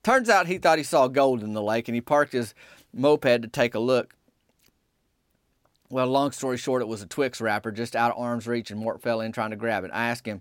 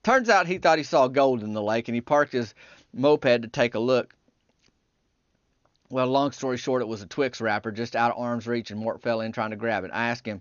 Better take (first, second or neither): first